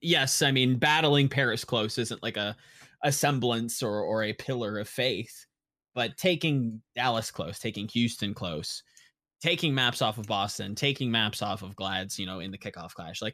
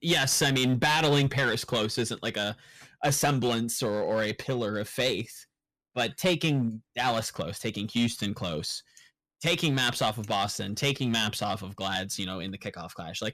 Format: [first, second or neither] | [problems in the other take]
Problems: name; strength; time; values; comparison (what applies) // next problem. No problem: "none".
first | distortion; slight; 5% of the sound clipped